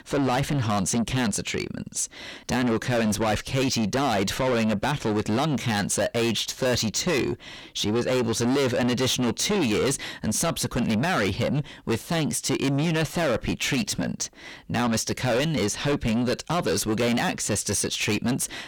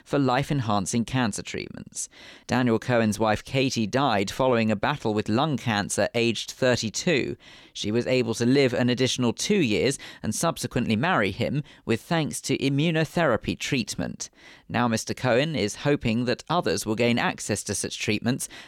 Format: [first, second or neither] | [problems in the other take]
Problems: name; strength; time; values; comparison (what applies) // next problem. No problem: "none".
second | distortion; heavy; 6 dB below the speech